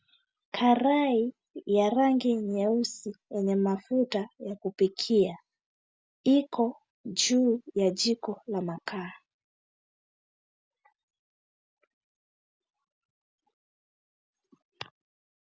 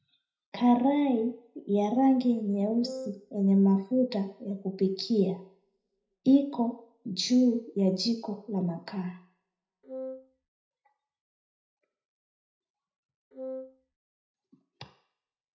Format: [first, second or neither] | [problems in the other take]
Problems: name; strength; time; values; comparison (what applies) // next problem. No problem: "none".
first | background sound (Wind instrument, woodwind instrument); 11 dB below the speech // room echo; dies away in 0.5 s